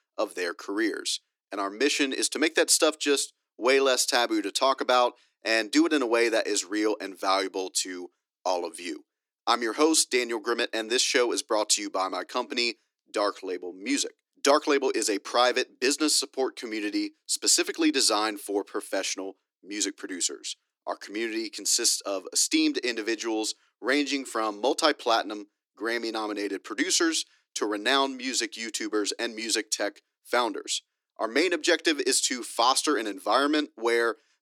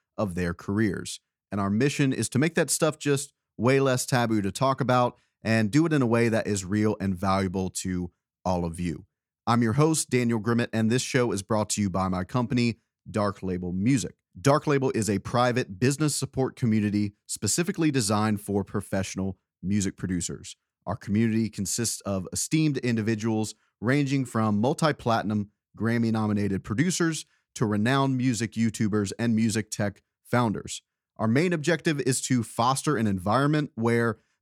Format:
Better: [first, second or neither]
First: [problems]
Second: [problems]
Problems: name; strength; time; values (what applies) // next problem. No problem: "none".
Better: second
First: thin; somewhat; fading below 300 Hz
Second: none